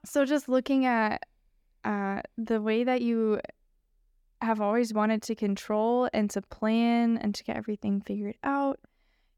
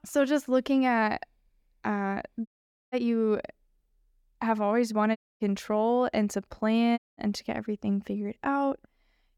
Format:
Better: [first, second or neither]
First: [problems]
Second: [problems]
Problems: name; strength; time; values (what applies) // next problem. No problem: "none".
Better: first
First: none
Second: audio cutting out; at 2.5 s, at 5 s and at 7 s